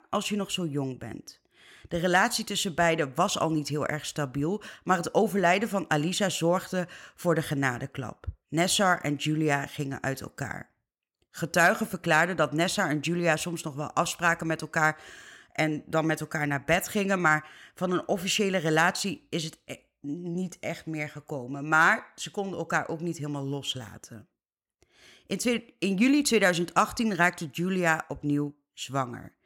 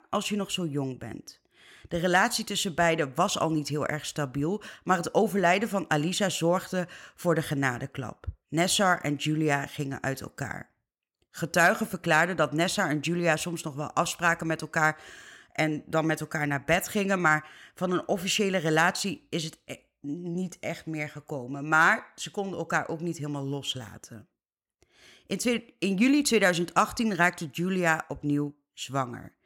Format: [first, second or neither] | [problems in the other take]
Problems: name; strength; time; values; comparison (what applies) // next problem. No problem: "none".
neither | none